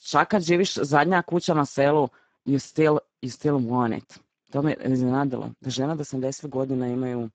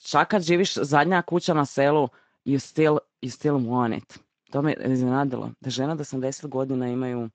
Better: second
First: garbled, watery; badly; nothing above 7.5 kHz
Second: garbled, watery; slightly; nothing above 7.5 kHz

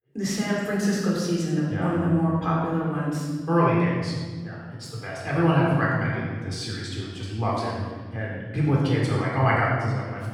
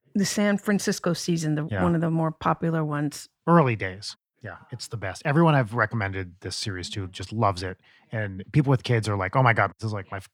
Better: second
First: off-mic speech; far // room echo; strong; dies away in 1.5 s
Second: none

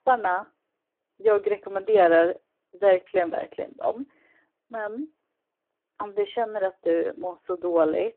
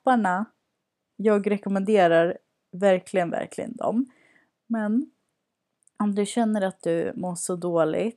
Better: second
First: phone-call audio; poor line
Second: none

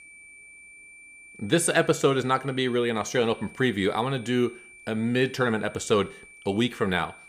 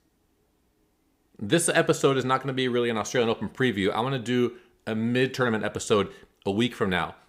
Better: second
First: high-pitched whine; faint; throughout; 2.5 kHz, 20 dB below the speech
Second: none

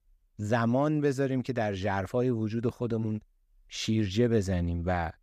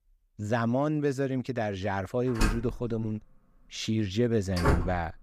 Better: first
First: none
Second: door banging; loud; from 2.5 s on; peak 2 dB above the speech

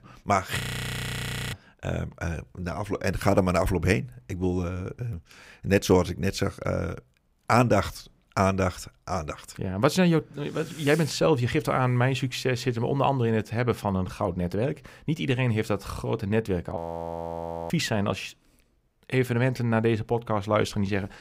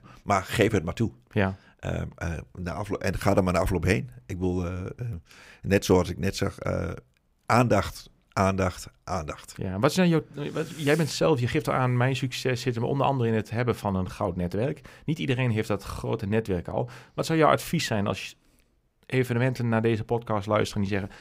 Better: second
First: audio freezing; at 0.5 s for 1 s and at 17 s for 1 s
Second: none

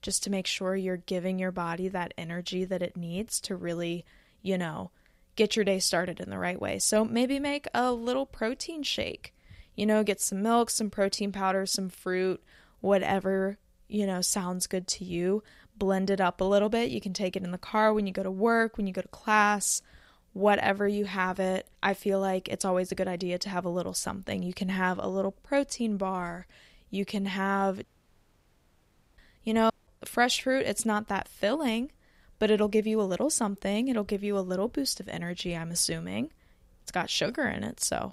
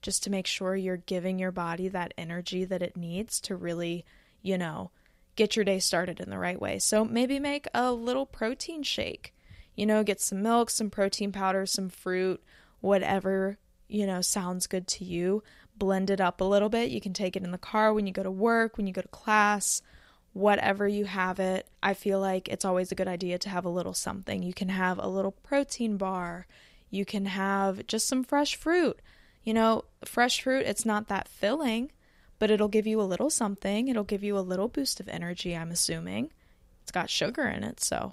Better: second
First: audio cutting out; at 28 s for 1.5 s and at 30 s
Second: none

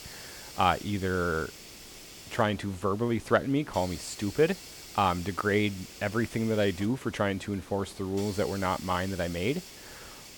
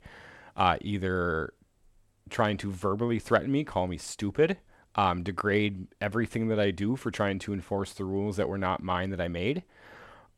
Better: second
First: hiss; noticeable; throughout; 15 dB below the speech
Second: none

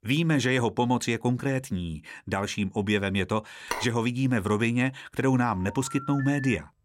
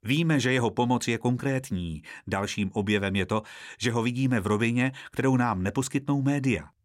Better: second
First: phone ringing; noticeable; at 3.5 s and from 5.5 s on; peak 7 dB below the speech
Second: none

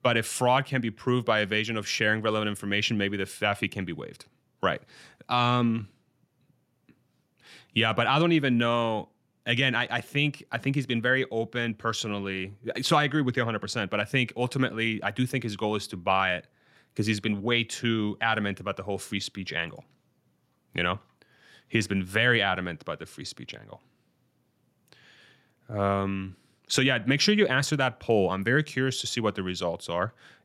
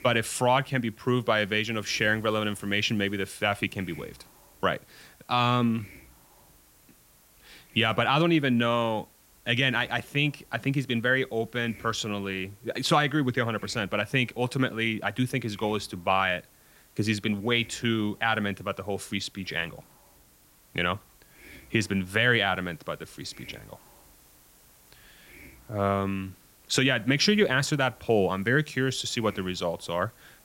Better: first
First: none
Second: hiss; faint; throughout; 25 dB below the speech

